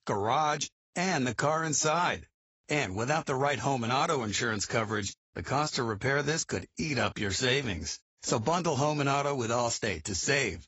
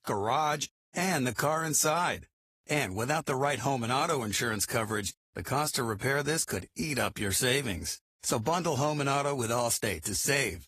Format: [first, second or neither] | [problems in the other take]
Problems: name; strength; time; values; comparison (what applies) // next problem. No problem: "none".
second | garbled, watery; badly; nothing above 7.5 kHz; slightly in the second